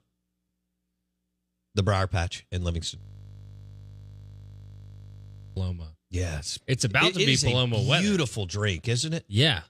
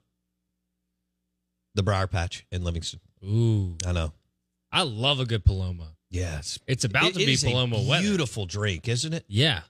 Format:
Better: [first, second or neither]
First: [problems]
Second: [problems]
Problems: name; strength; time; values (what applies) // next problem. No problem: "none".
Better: second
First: audio freezing; at 3 s for 2.5 s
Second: none